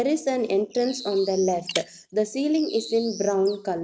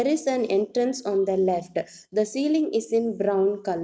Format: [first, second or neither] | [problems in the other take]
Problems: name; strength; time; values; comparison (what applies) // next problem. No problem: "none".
second | background sound (Bird + Shatter); 14 dB below the speech